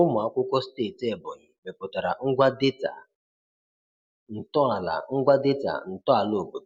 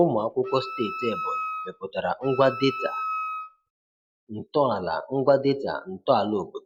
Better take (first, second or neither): first